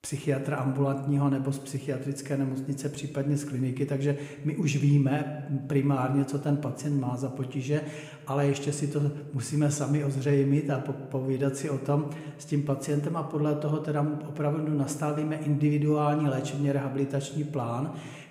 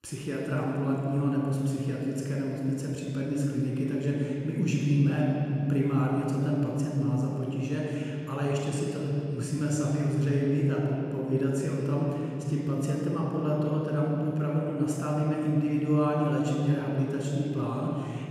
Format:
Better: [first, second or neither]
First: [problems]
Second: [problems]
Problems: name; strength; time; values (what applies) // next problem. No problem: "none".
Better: first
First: room echo; slight; dies away in 1 s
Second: room echo; strong; dies away in 3 s // off-mic speech; somewhat distant